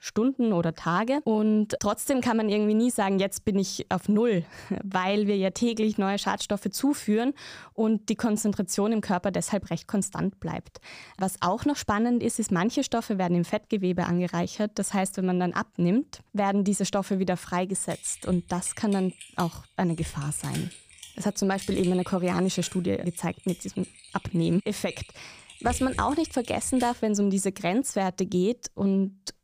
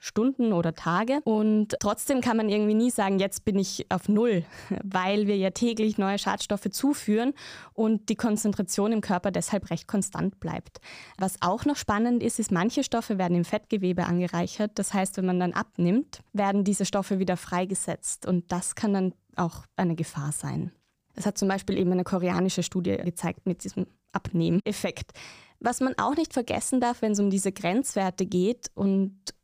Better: second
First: keyboard typing; noticeable; from 18 to 27 s; peak 9 dB below the speech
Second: none

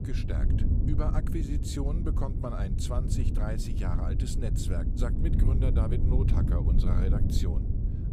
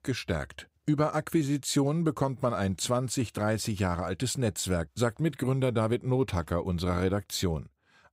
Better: second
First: wind noise on the microphone; heavy; 2 dB below the speech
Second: none

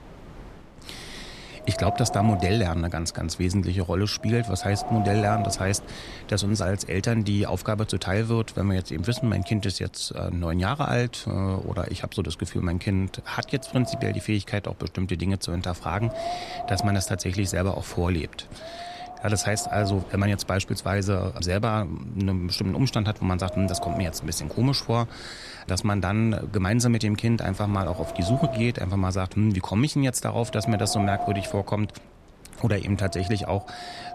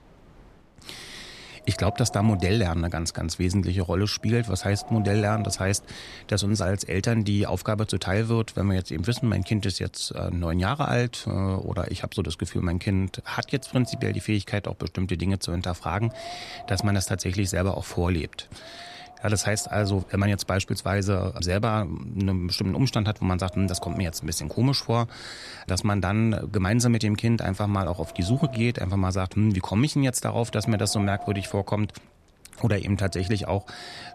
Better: second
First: wind noise on the microphone; heavy; 4 dB below the speech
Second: wind noise on the microphone; occasional gusts; 10 dB below the speech

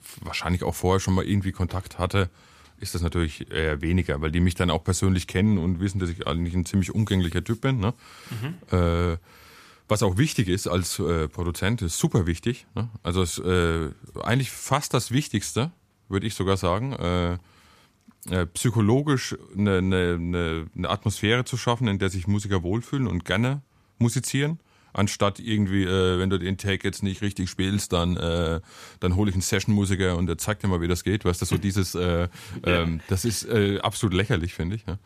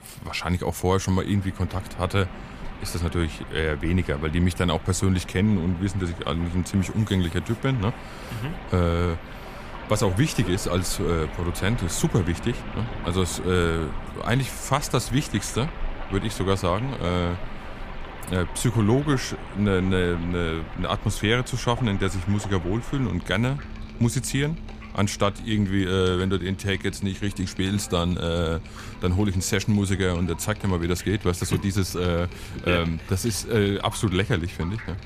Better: first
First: none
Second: rain or running water; noticeable; throughout; 15 dB below the speech

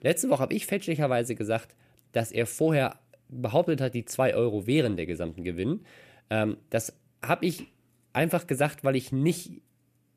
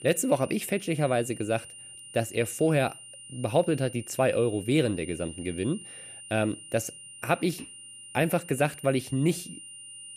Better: first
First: none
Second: high-pitched whine; noticeable; throughout; 9 kHz, 15 dB below the speech

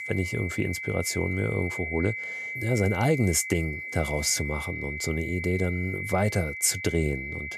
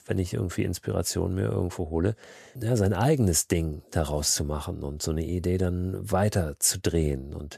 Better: second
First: high-pitched whine; loud; throughout; 2 kHz, 5 dB below the speech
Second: none

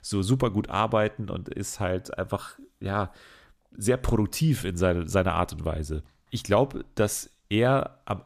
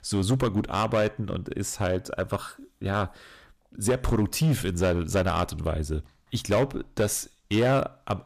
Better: first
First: none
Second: distortion; slight; 6% of the sound clipped

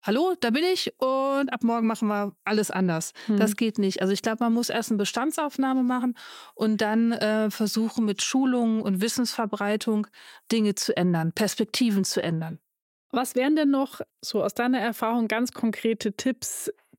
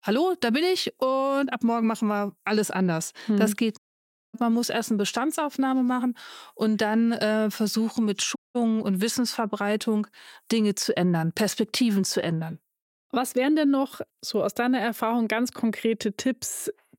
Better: first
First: none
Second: audio cutting out; at 4 s for 0.5 s and at 8.5 s

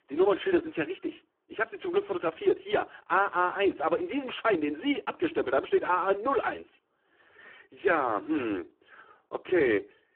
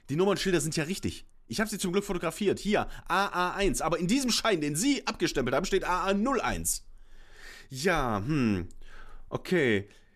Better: second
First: phone-call audio; poor line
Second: none

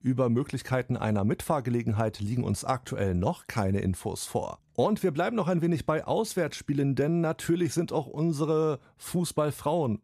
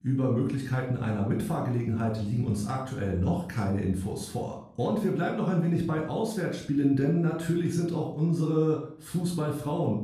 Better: first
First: none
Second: off-mic speech; far // room echo; noticeable; dies away in 0.5 s

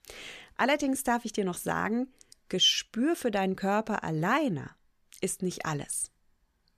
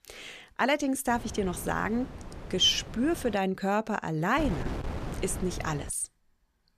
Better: first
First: none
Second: wind noise on the microphone; occasional gusts; from 1 to 3.5 s and from 4.5 to 6 s; 15 dB below the speech

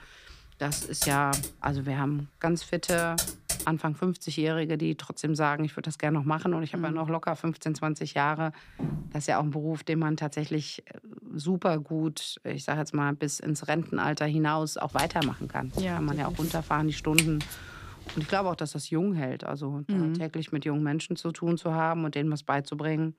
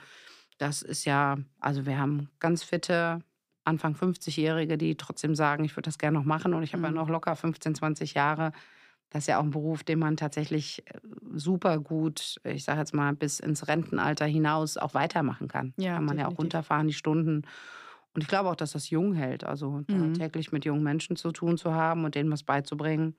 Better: second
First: keyboard typing; loud; from 0.5 to 3.5 s; peak 1 dB above the speech // footsteps; noticeable; at 9 s; peak 5 dB below the speech // footsteps; loud; from 15 to 17 s; peak 4 dB above the speech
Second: none

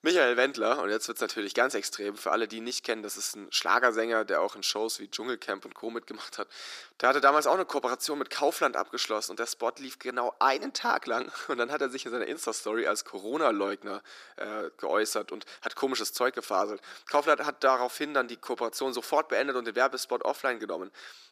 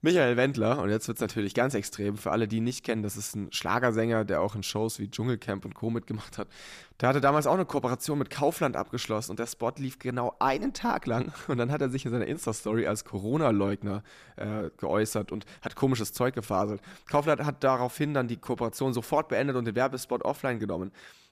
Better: second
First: thin; somewhat; fading below 300 Hz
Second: none

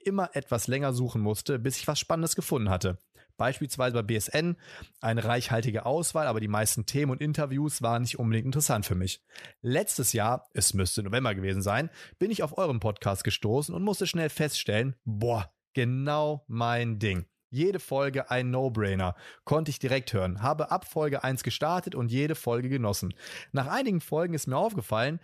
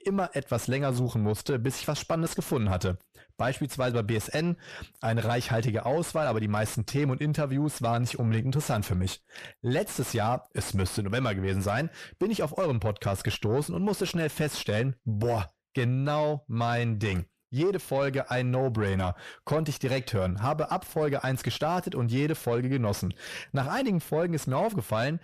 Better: first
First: none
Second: distortion; slight; 10 dB below the speech

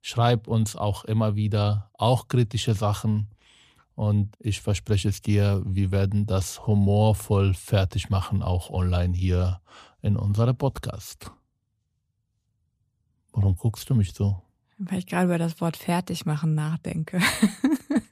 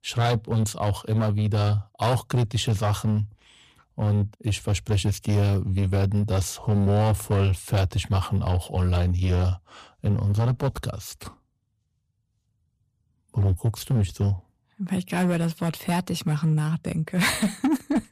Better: first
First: none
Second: distortion; slight; 9% of the sound clipped

